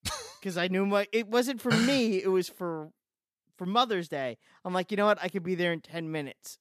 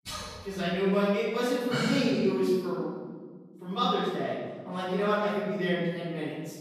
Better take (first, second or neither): first